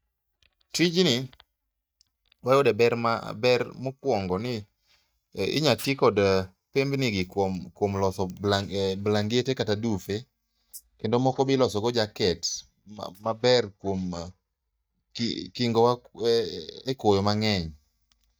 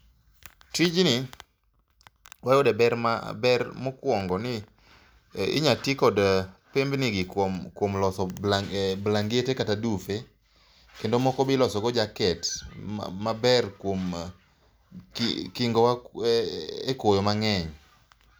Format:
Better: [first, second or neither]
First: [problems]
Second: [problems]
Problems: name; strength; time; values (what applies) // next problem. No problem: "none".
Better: second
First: noise reduction (neural mask model DeepFilterNet 3)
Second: none